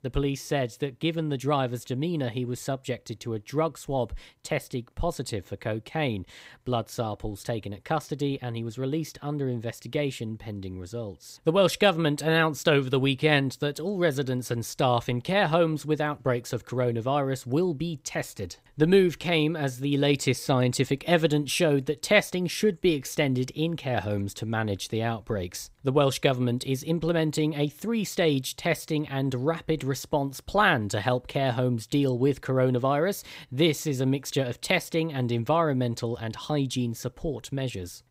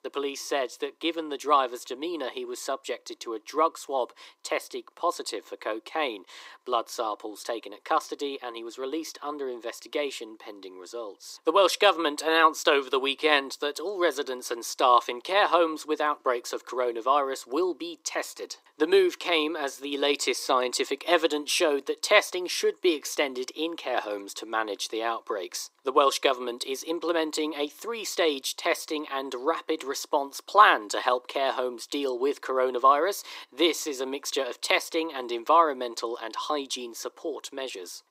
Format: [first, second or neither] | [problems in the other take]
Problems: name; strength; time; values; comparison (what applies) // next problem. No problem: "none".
first | thin; very; fading below 350 Hz